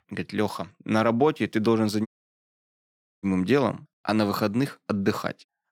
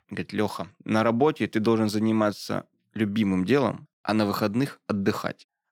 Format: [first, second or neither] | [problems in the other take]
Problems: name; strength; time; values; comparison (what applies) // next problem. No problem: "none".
second | audio cutting out; at 2 s for 1 s